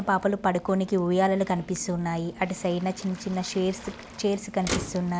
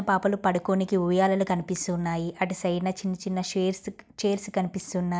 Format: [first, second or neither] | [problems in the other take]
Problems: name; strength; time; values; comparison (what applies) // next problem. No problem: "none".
second | background sound (Waves, surf + Motor vehicle (road)); 13 dB below the speech